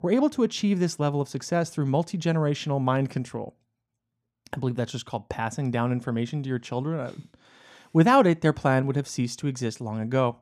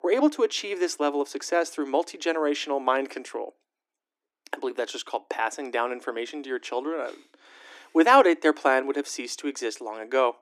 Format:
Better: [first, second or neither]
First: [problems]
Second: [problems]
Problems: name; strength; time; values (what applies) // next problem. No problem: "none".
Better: first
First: none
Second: thin; somewhat; fading below 300 Hz